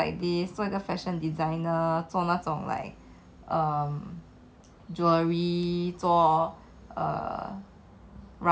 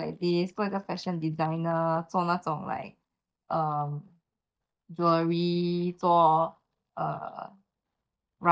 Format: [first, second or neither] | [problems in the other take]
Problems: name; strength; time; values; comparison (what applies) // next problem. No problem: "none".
first | noise reduction (neural mask model DeepFilterNet 3)